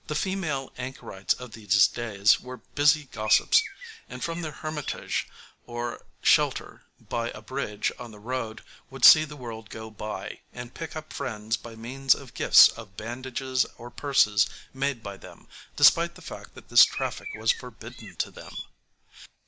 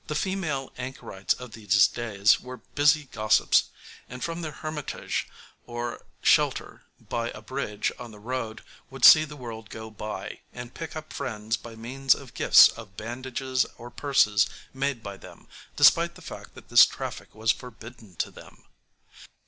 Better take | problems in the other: second | background sound (Bird); 11 dB below the speech

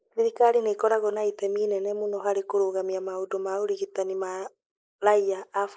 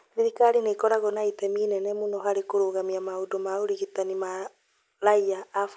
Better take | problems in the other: second | noise reduction (neural mask model Resemble Enhance denoiser)

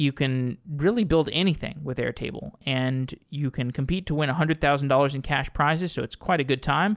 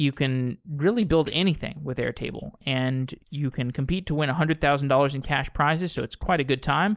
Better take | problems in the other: first | noise reduction (neural mask model Resemble Enhance denoiser)

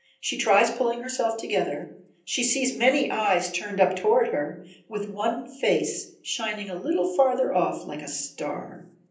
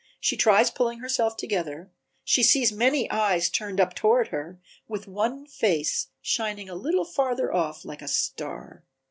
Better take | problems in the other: second | room echo; dies away in 0.6 s

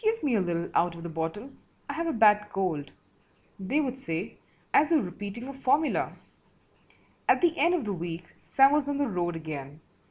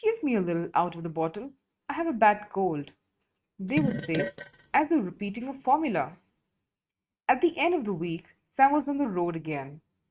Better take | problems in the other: first | noise reduction (neural mask model RNNoise)

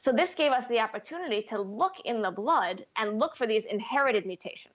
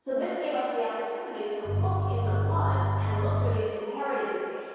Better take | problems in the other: first | background sound (Bowed string instrument); 3 dB above the speech // room echo; dies away in 2.2 s

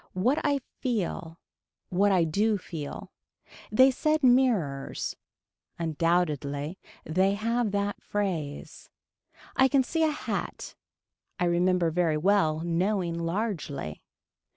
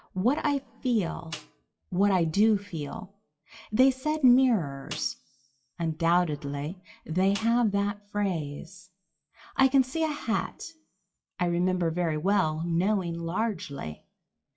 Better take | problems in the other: first | noise reduction (classical method WPE with log-MMSE)

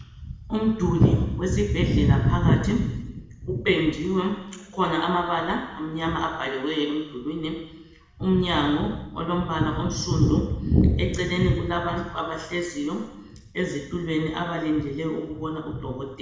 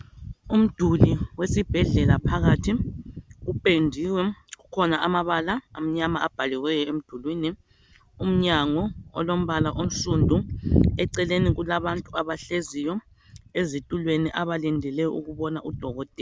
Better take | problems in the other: second | room echo; dies away in 1 s

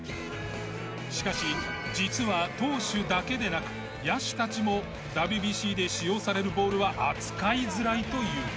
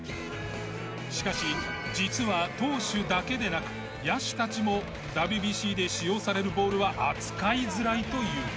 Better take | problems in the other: first | background sound (Cupboard open or close / Door); 18 dB below the speech

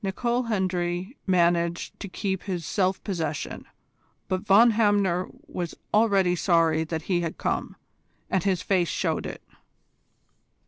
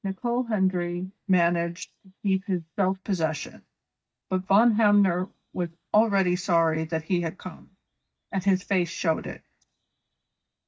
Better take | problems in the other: first | noise reduction (neural mask model DeepFilterNet 3)

